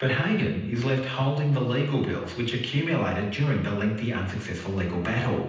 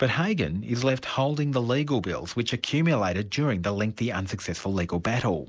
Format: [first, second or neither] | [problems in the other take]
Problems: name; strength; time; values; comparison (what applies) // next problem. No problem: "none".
second | room echo; dies away in 0.9 s